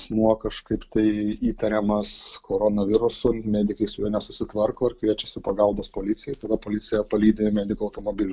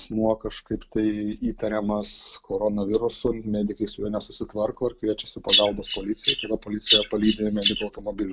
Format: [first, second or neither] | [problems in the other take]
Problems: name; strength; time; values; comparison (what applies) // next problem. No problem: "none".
first | background sound (Bird vocalization, bird call, bird song); 2 dB above the speech